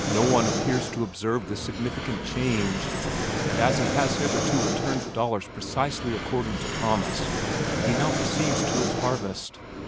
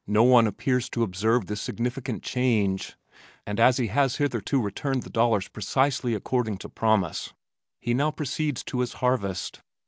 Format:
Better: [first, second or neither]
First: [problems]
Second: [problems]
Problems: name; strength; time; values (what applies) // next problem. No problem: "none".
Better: second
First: background sound (Fixed-wing aircraft, airplane); as loud as the speech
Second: none